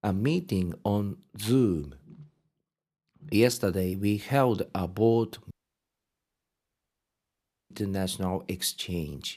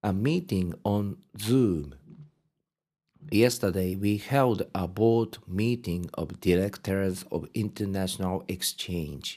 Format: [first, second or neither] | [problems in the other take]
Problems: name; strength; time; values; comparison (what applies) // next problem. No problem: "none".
second | audio cutting out; at 5.5 s for 2 s